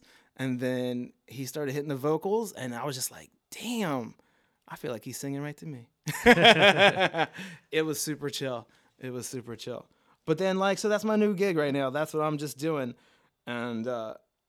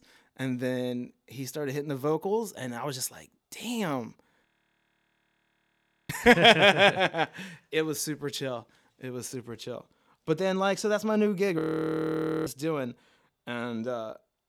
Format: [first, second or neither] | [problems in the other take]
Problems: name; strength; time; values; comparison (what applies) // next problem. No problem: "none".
first | audio freezing; at 4.5 s for 1.5 s and at 12 s for 1 s